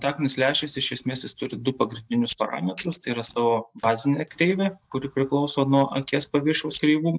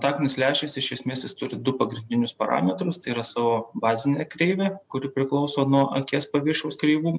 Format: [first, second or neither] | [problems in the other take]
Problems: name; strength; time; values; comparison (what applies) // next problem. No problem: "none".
second | noise reduction (neural mask model DeepFilterNet 3)